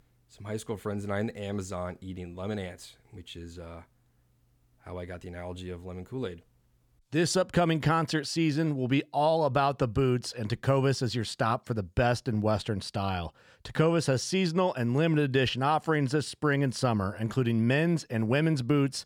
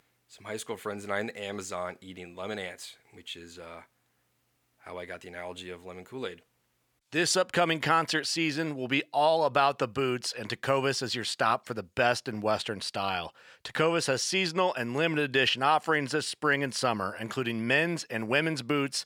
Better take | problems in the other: first | thin; somewhat; fading below 650 Hz

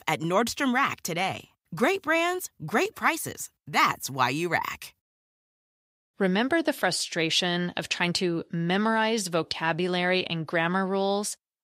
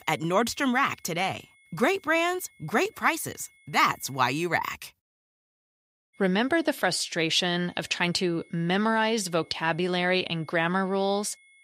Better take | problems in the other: first | high-pitched whine; faint; until 4.5 s and from 6 s on; 2 kHz, 30 dB below the speech

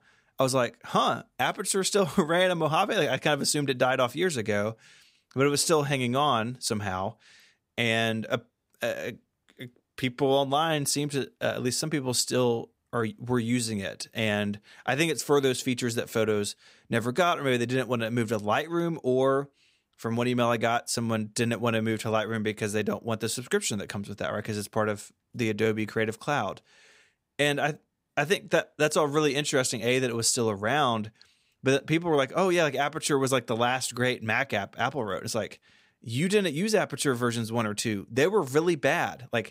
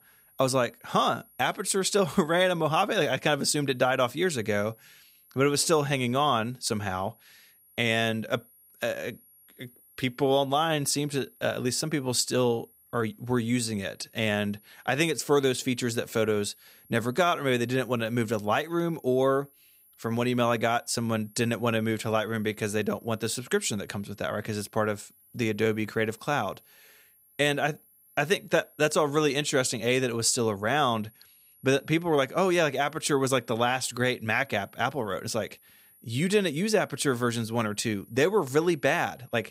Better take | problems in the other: first | high-pitched whine; faint; throughout; 11.5 kHz, 30 dB below the speech

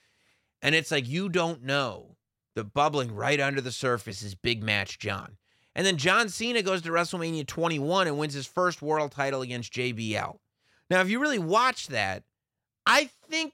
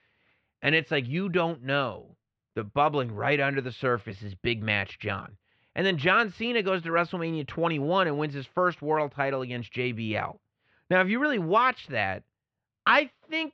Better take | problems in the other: first | muffled; slightly; fading above 3 kHz

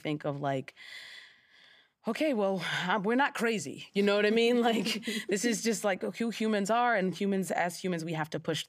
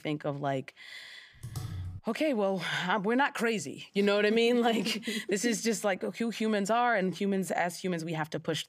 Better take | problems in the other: first | keyboard typing; noticeable; at 1.5 s; peak 10 dB below the speech

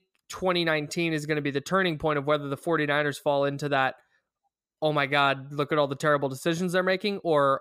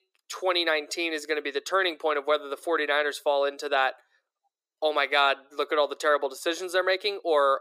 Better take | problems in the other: first | thin; very; fading below 350 Hz

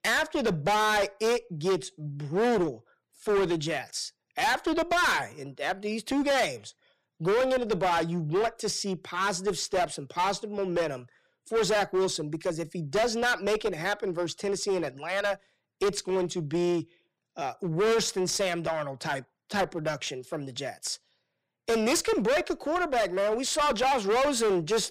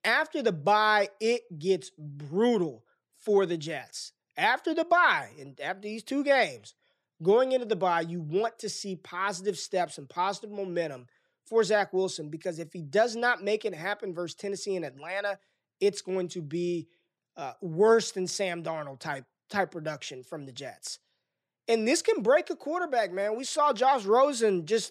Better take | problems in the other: second | distortion; heavy; 15% of the sound clipped

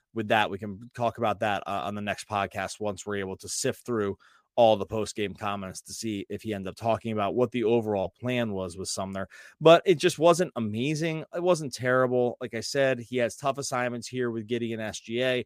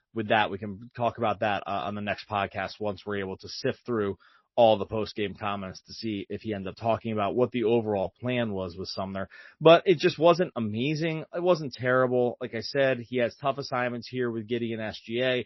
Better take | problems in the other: first | garbled, watery; slightly; nothing above 5.5 kHz

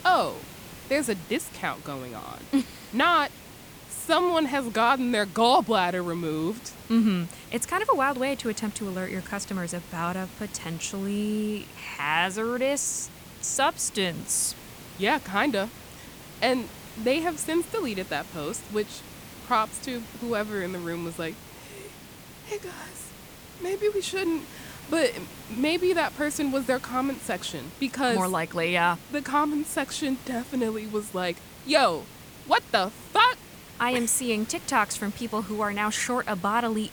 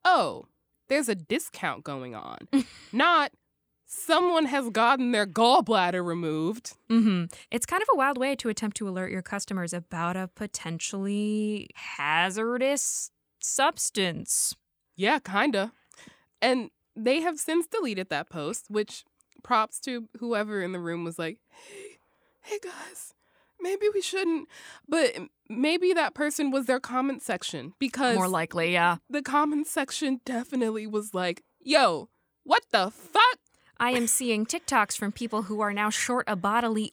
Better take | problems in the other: second | hiss; noticeable; throughout; 15 dB below the speech

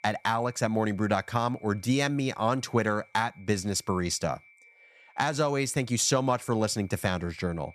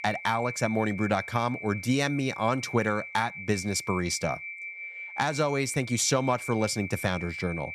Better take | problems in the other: first | high-pitched whine; loud; throughout; 2.5 kHz, 10 dB below the speech; faint in the first

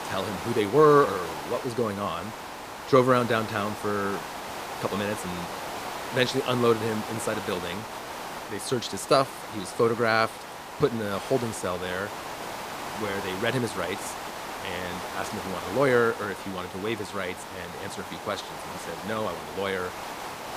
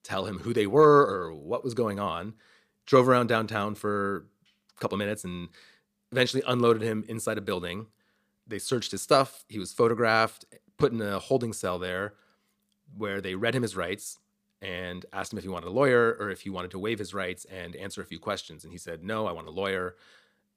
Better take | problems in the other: second | hiss; loud; throughout; 9 dB below the speech

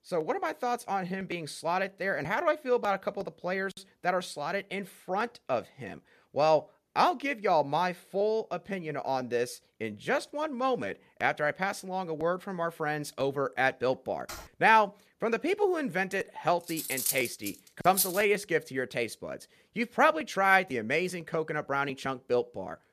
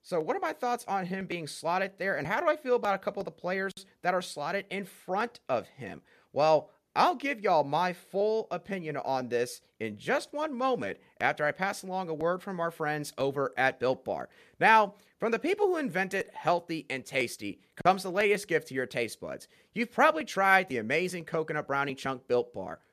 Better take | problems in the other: second | keyboard typing; faint; at 14 s; peak 15 dB below the speech // clattering dishes; loud; from 17 to 18 s; peak 1 dB above the speech

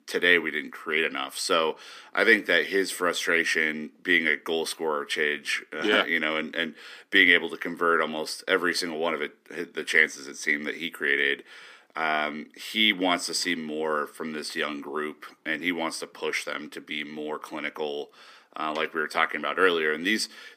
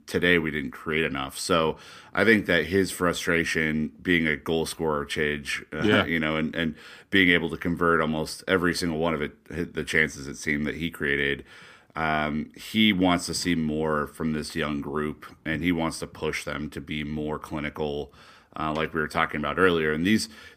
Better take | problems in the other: second | thin; somewhat; fading below 300 Hz

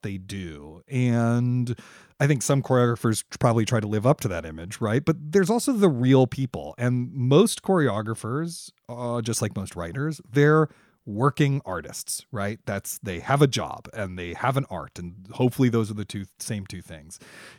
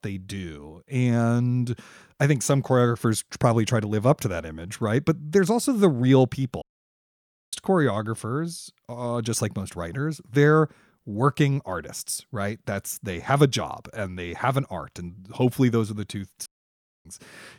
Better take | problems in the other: first | audio cutting out; at 6.5 s for 1 s and at 16 s for 0.5 s

